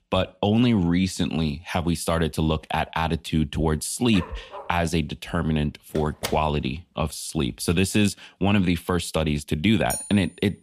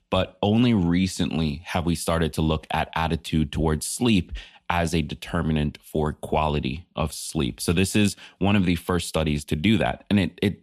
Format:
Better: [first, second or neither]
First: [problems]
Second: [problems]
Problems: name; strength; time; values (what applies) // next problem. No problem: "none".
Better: second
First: dog barking; faint; at 4 s; peak 15 dB below the speech // door banging; noticeable; at 6 s; peak 9 dB below the speech // clattering dishes; noticeable; at 10 s; peak 6 dB below the speech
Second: none